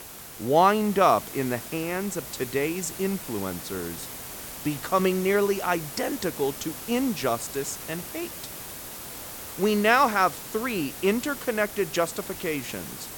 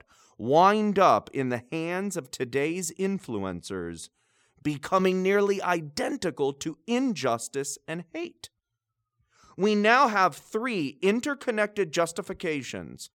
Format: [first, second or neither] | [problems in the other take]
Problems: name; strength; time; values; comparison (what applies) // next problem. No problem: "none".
second | hiss; noticeable; throughout; 10 dB below the speech